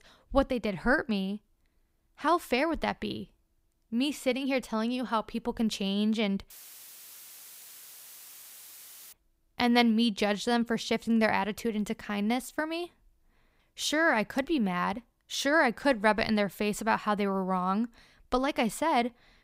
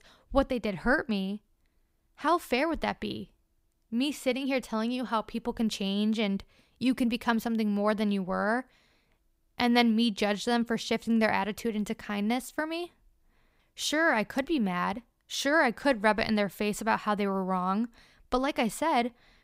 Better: second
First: audio cutting out; filled with static; at 6.5 s for 2.5 s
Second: none

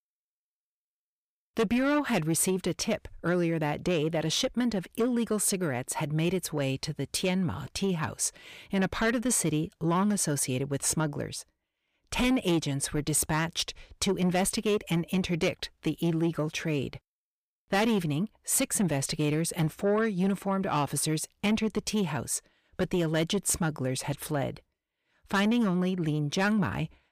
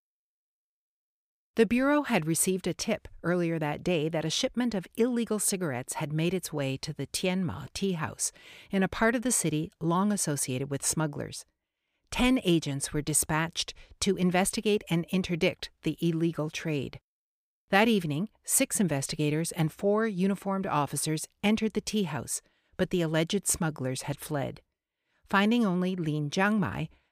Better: second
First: distortion; slight; 10 dB below the speech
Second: none

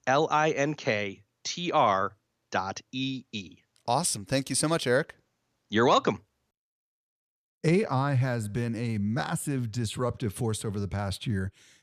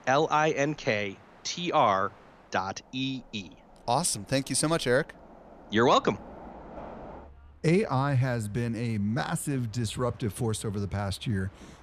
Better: first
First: none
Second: train or aircraft noise; faint; throughout; 25 dB below the speech

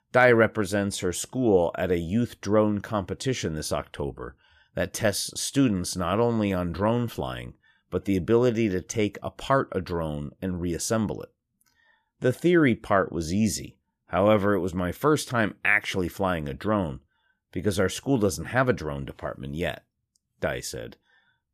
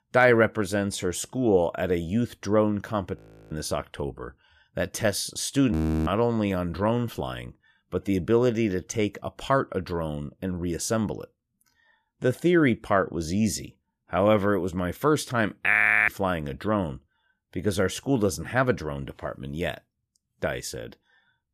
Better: first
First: none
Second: audio freezing; at 3 s, at 5.5 s and at 16 s

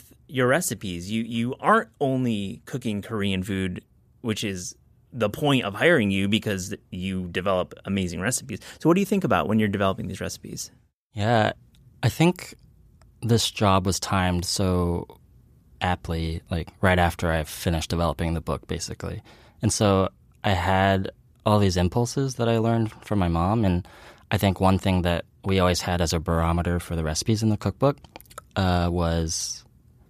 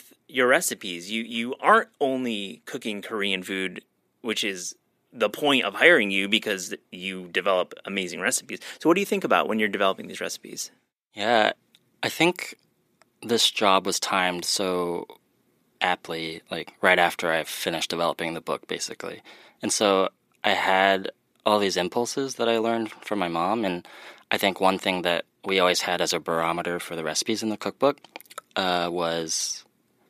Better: first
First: none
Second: thin; somewhat; fading below 250 Hz

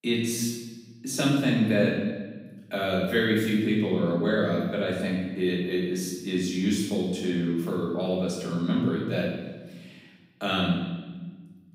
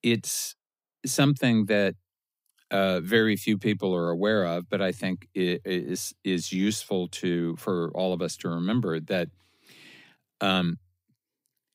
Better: second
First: off-mic speech; far // room echo; noticeable; dies away in 1.2 s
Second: none

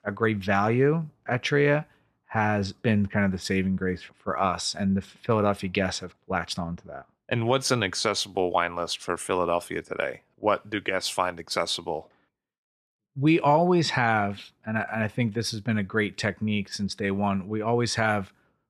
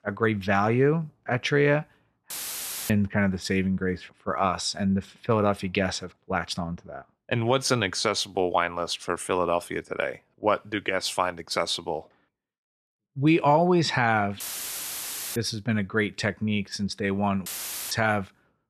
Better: first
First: none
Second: audio cutting out; filled with static; at 2.5 s for 0.5 s, at 14 s for 1 s and at 17 s

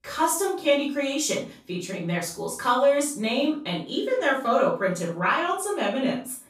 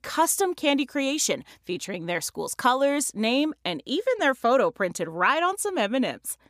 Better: second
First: off-mic speech; far // room echo; noticeable; dies away in 0.3 s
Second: none

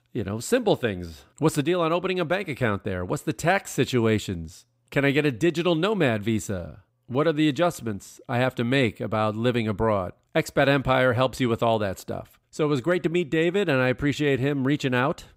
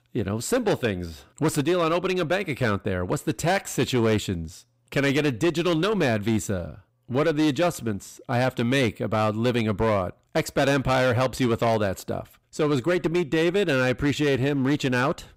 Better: first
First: none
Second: distortion; slight; 11% of the sound clipped

